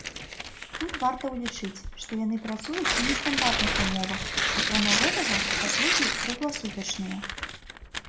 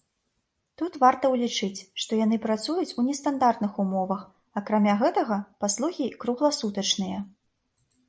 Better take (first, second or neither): second